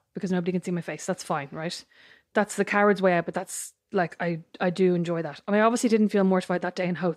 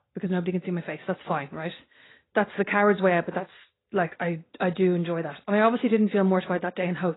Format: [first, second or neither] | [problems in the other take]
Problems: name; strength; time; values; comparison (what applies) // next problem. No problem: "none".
first | garbled, watery; badly; nothing above 4 kHz